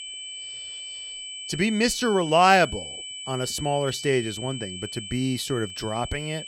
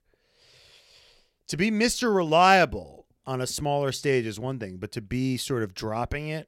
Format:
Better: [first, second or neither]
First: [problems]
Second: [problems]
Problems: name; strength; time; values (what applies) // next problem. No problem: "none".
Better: second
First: high-pitched whine; noticeable; throughout; 3 kHz, 10 dB below the speech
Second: none